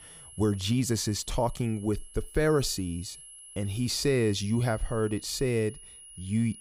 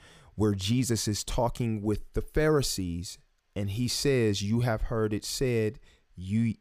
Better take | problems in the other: second | high-pitched whine; noticeable; throughout; 10.5 kHz, 15 dB below the speech

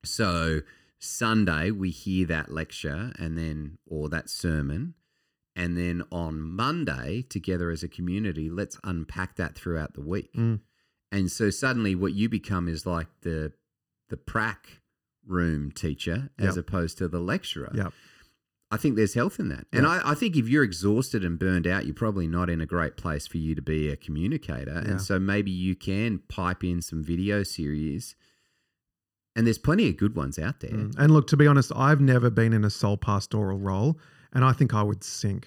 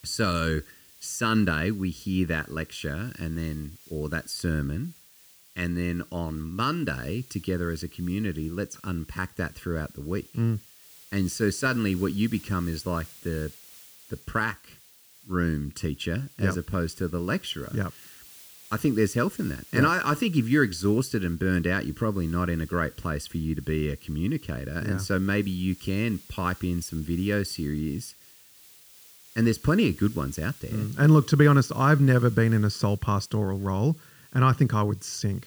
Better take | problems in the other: first | hiss; faint; throughout; 20 dB below the speech

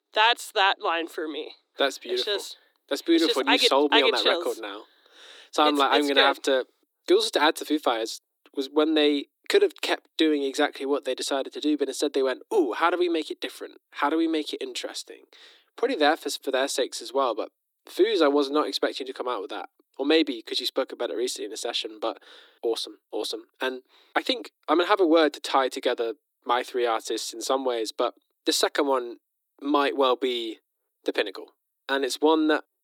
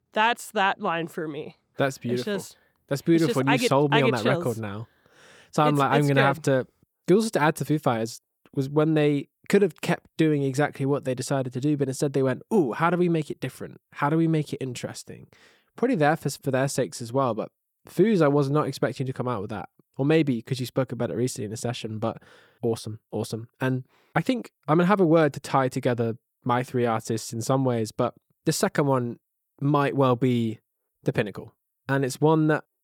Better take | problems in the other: second | thin; somewhat; fading below 300 Hz

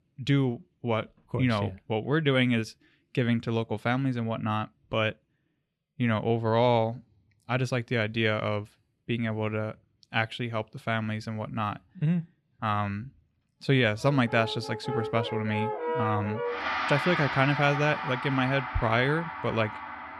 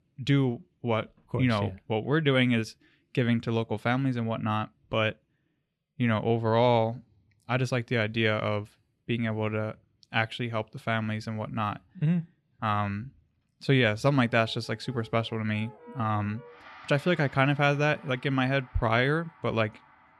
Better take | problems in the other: second | background music; loud; from 14 s on; 5 dB below the speech; faint in the second

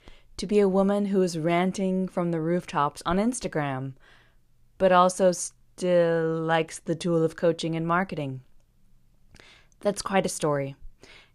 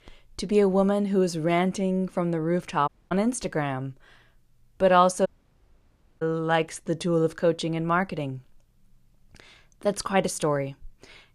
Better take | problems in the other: first | audio cutting out; at 3 s and at 5.5 s for 1 s

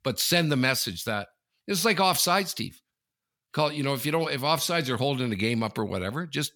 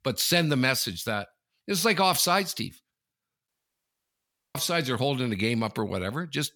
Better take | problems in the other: first | audio cutting out; at 3.5 s for 1 s

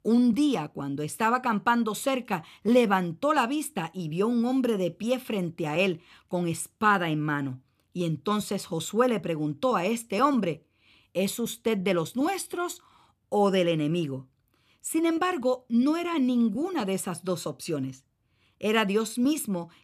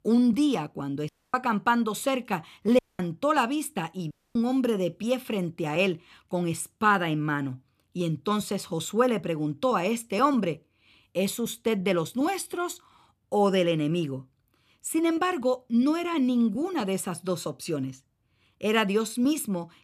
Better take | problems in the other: first | audio cutting out; at 1 s, at 3 s and at 4 s

